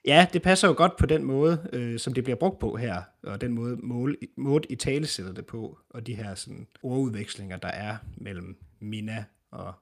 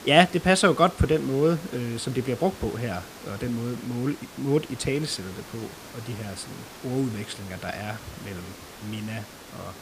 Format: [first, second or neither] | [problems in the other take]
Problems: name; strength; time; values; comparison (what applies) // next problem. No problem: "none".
first | hiss; noticeable; throughout; 15 dB below the speech